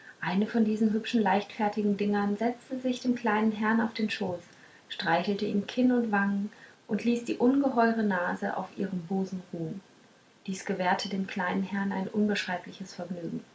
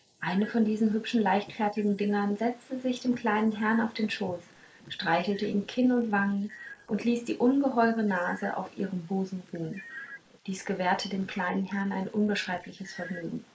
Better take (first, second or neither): first